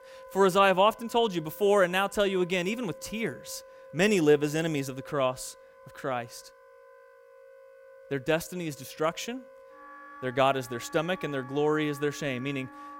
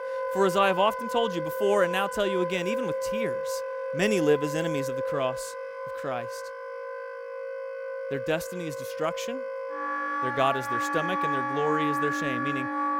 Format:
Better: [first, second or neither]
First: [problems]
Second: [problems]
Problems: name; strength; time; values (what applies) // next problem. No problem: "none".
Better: first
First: background music; faint; throughout; 20 dB below the speech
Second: background music; loud; throughout; 2 dB below the speech